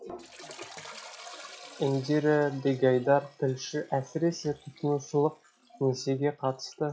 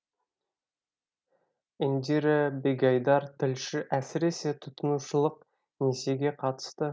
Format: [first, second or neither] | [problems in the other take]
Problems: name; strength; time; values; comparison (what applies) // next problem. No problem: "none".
second | noise reduction (classical method log-MMSE)